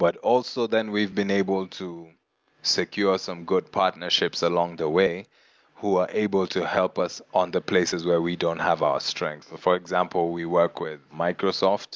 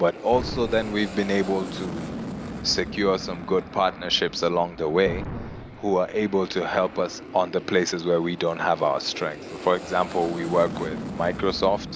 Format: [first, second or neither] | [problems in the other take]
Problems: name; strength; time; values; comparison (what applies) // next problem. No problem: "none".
first | background sound (Aircraft + Explosion); 11 dB below the speech